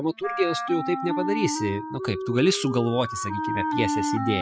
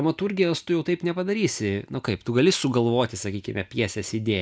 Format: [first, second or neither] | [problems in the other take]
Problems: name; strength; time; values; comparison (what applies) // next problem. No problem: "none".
second | noise reduction (classical method spectral subtraction)